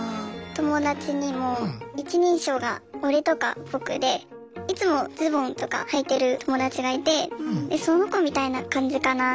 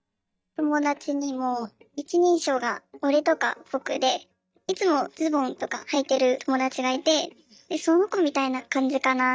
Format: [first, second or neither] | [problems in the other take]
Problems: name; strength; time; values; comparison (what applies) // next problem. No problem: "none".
first | noise reduction (neural mask model DeepFilterNet 3)